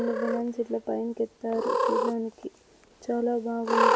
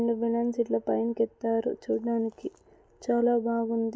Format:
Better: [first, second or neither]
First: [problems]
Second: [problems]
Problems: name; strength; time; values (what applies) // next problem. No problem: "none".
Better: second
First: background sound (Cat); 1 dB above the speech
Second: none